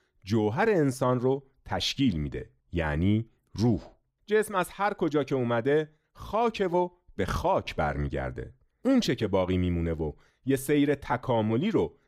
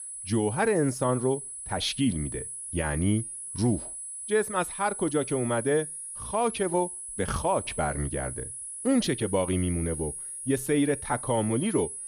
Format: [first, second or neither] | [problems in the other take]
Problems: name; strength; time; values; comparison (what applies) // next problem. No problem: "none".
first | high-pitched whine; loud; throughout; 10 kHz, 7 dB below the speech